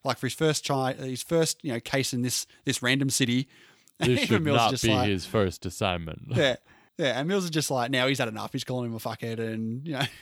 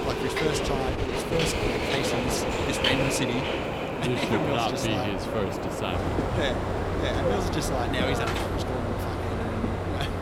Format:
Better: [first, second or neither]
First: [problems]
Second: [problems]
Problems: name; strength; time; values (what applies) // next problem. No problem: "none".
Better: first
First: none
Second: train or aircraft noise; very loud; throughout; 3 dB above the speech